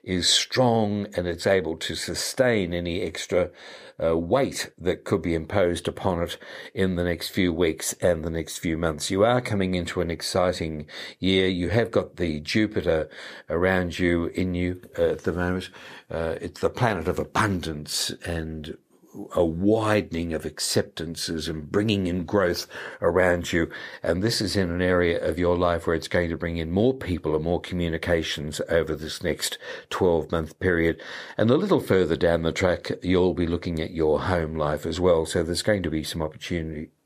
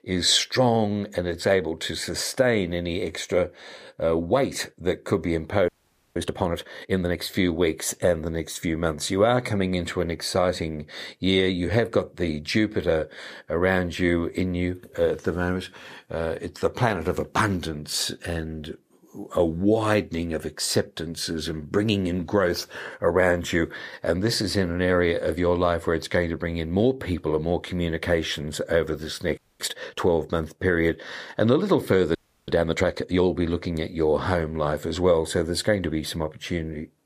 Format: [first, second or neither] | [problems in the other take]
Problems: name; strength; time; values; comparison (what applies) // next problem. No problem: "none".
first | audio freezing; at 5.5 s, at 29 s and at 32 s